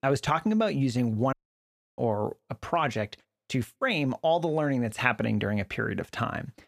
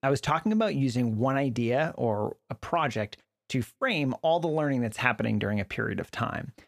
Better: second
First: audio cutting out; at 1.5 s for 0.5 s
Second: none

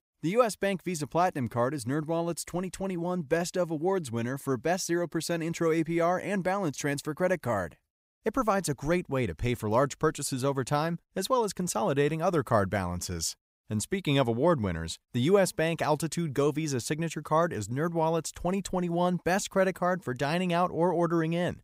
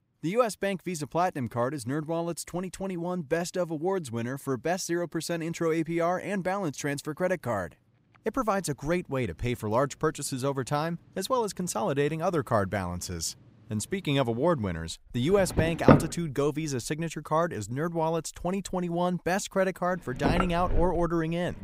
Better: first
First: none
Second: household noises; very loud; throughout; 2 dB above the speech

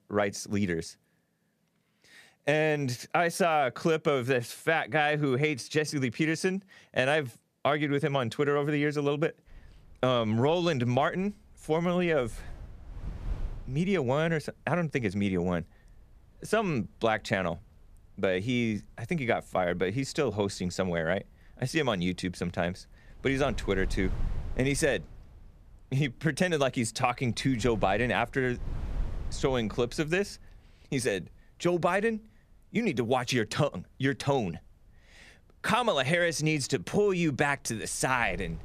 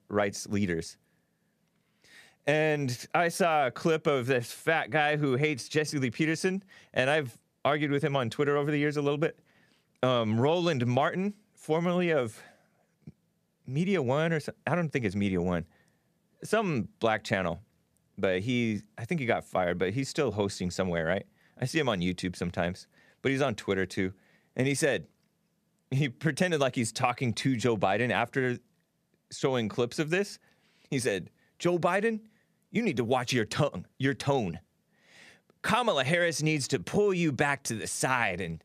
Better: second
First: wind noise on the microphone; occasional gusts; from 9.5 s on; 25 dB below the speech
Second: none

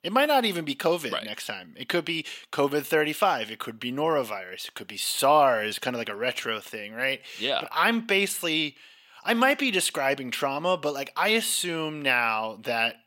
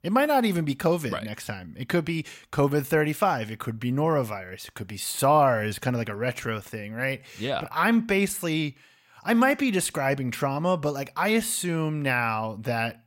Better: second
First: thin; very slightly; fading below 300 Hz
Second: none

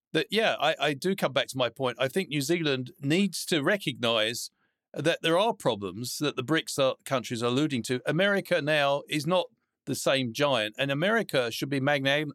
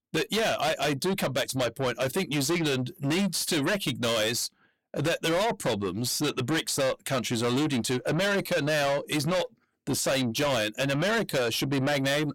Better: first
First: none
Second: distortion; heavy; 6 dB below the speech

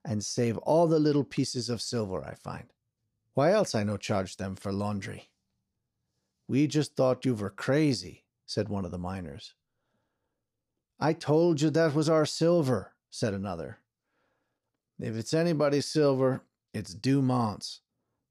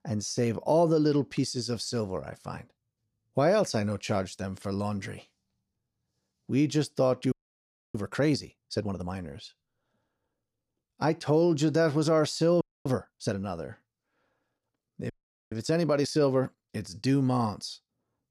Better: first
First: none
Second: audio freezing; at 7.5 s for 0.5 s, at 13 s and at 15 s

